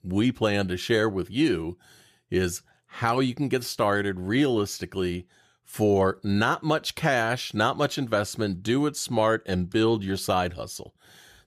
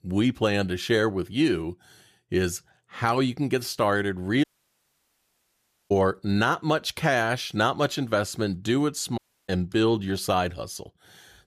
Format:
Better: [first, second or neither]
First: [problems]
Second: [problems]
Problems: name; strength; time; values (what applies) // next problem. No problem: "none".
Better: first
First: none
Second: audio cutting out; at 4.5 s for 1.5 s and at 9 s